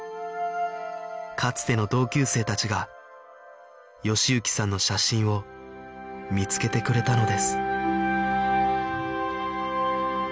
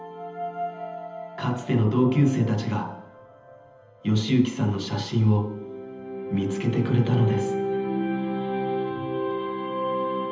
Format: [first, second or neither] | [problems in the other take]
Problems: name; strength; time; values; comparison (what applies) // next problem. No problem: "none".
first | room echo; dies away in 0.8 s